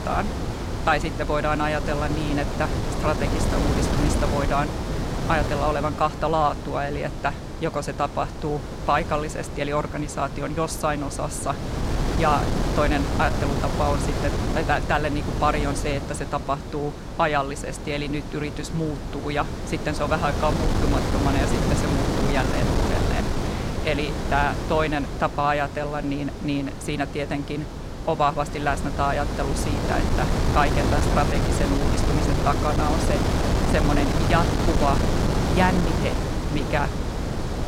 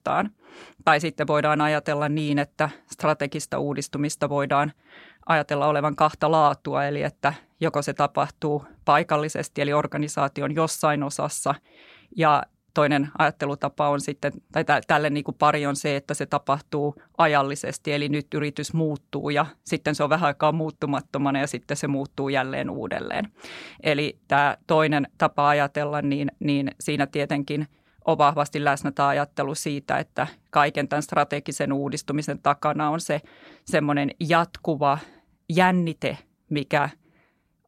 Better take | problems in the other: second | wind noise on the microphone; heavy; 5 dB below the speech

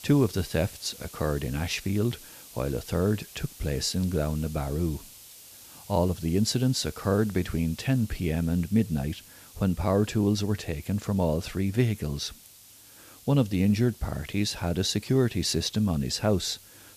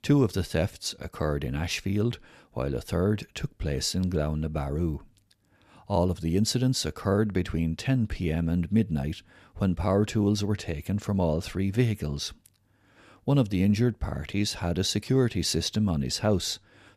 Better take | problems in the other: second | hiss; noticeable; throughout; 20 dB below the speech

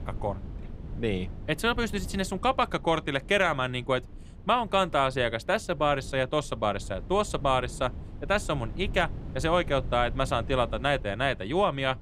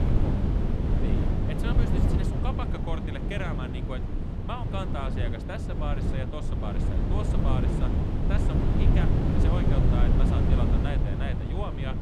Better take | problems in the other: first | wind noise on the microphone; heavy; 2 dB above the speech; occasional gusts in the first

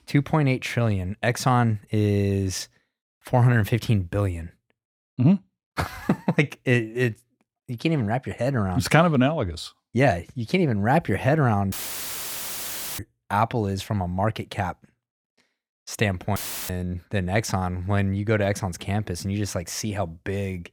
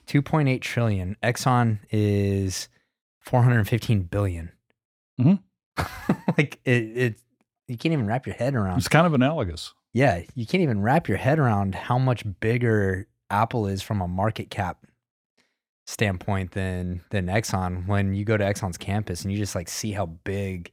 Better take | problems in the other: second | audio cutting out; filled with static; at 12 s for 1.5 s and at 16 s

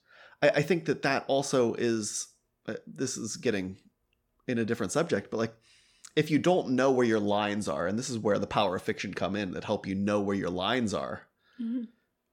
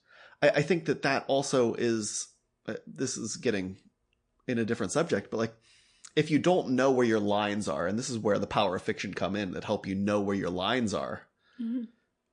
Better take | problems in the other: first | garbled, watery; slightly; nothing above 8.5 kHz

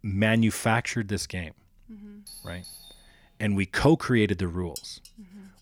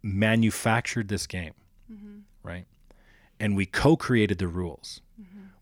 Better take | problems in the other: second | doorbell; faint; from 2.5 to 3.5 s; peak 20 dB below the speech // clattering dishes; faint; at 5 s; peak 15 dB below the speech

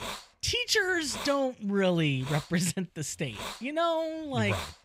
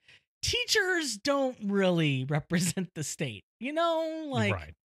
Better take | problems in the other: second | hiss; noticeable; throughout; 10 dB below the speech

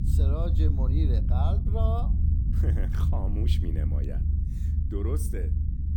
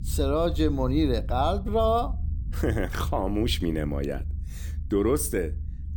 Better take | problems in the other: second | low rumble; loud; throughout; 3 dB below the speech; faint in the second

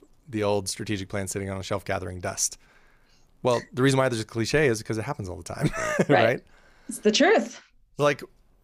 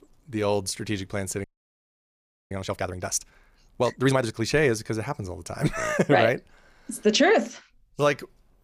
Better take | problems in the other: first | audio freezing; at 1.5 s for 1 s

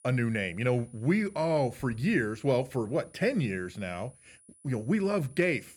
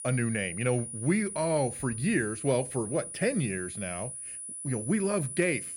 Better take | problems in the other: first | high-pitched whine; loud; throughout; 10 kHz, 7 dB below the speech; faint in the first

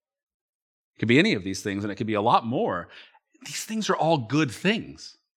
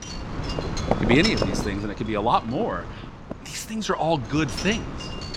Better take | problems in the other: first | wind noise on the microphone; heavy; 6 dB below the speech

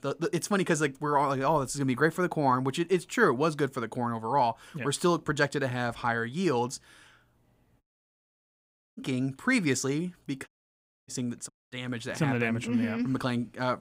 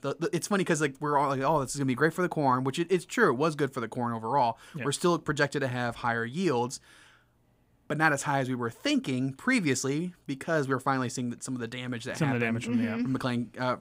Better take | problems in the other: second | audio cutting out; at 8 s for 1 s, at 10 s for 0.5 s and at 12 s

